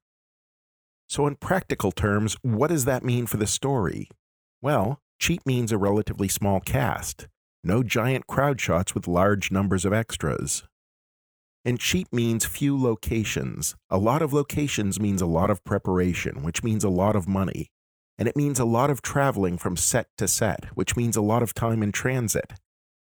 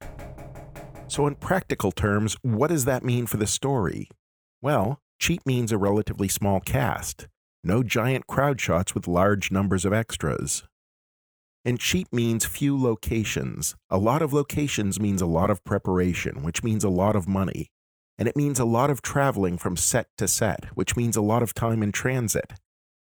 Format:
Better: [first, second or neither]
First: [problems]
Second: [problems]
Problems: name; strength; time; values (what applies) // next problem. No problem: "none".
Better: first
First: none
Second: door banging; faint; until 1.5 s; peak 15 dB below the speech